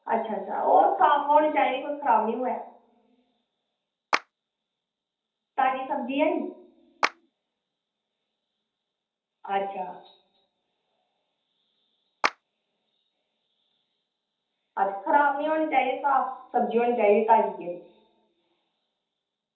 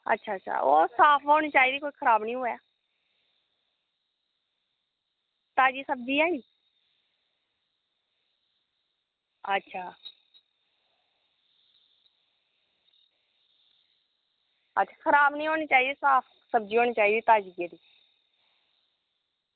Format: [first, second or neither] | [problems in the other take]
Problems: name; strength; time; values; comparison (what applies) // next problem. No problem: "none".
second | background sound (Clapping); 7 dB below the speech // room echo; dies away in 0.6 s